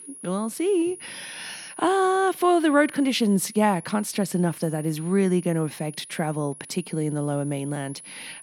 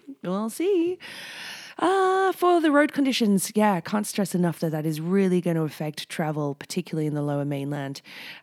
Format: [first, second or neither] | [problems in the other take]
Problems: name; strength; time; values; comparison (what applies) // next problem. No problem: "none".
second | high-pitched whine; noticeable; throughout; 10.5 kHz, 15 dB below the speech